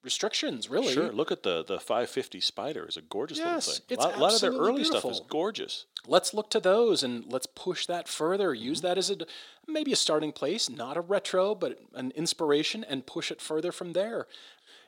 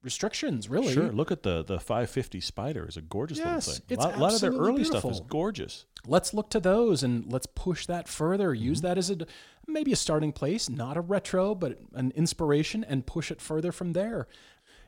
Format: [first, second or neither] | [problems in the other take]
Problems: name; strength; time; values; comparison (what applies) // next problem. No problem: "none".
second | thin; somewhat; fading below 350 Hz